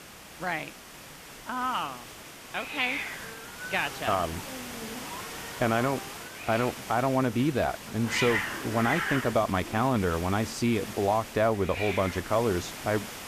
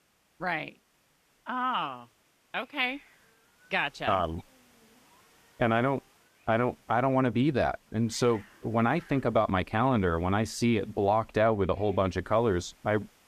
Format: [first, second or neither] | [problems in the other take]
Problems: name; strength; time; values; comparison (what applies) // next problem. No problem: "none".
second | hiss; loud; throughout; 7 dB below the speech; faint in the second